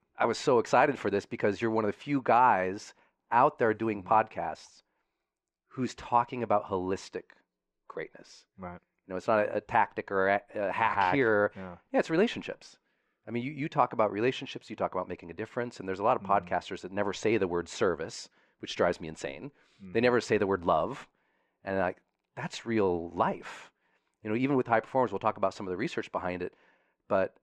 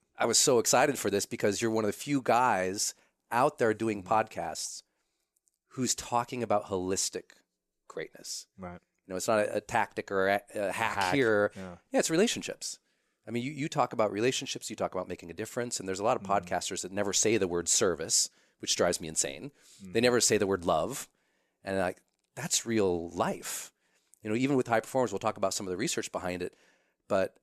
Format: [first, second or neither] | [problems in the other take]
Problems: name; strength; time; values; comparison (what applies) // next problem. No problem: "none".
second | muffled; very; fading above 2.5 kHz